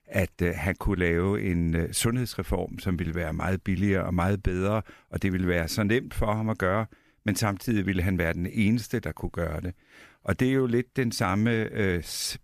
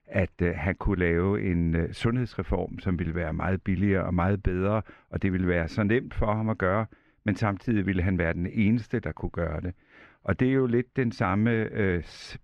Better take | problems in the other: first | muffled; slightly; fading above 2.5 kHz

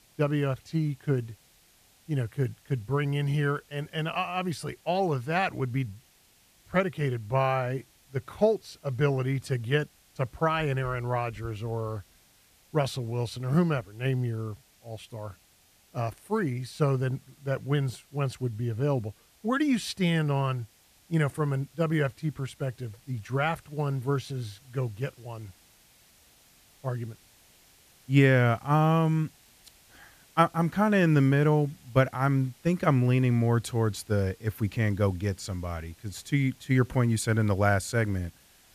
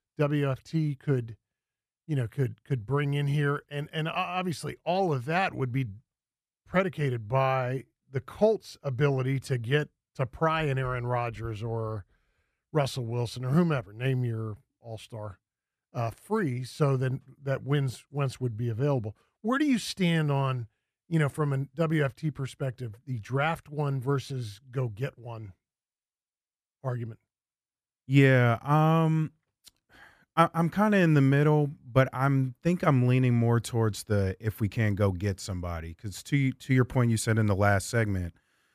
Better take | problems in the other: second | hiss; faint; throughout; 30 dB below the speech

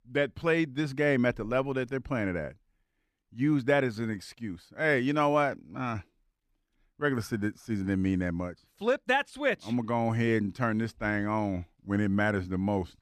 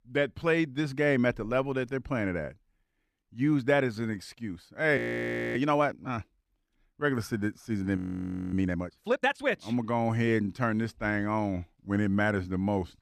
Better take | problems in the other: first | audio freezing; at 5 s for 0.5 s and at 8 s for 0.5 s

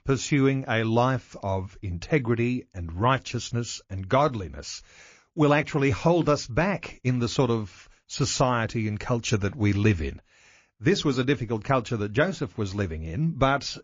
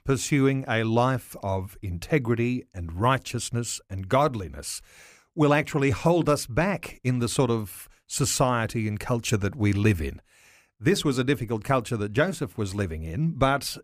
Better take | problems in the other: second | garbled, watery; slightly

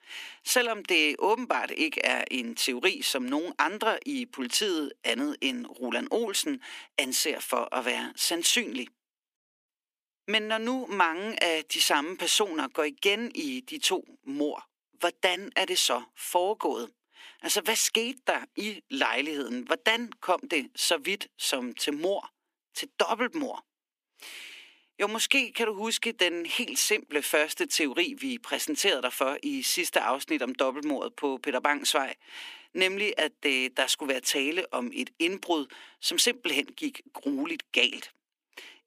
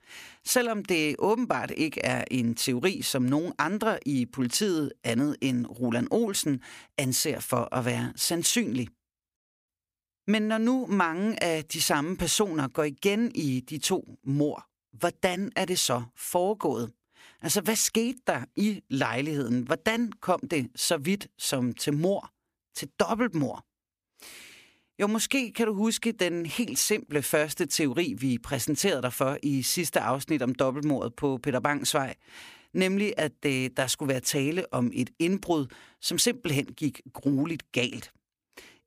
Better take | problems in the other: second | thin; very slightly; fading below 250 Hz

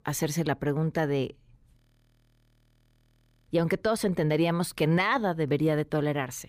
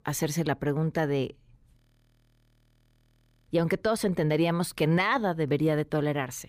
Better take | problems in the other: neither | audio freezing; at 2 s for 1.5 s; the same in both

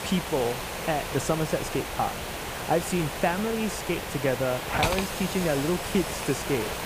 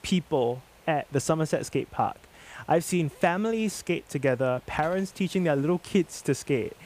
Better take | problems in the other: second | hiss; loud; throughout; 3 dB below the speech; faint in the second

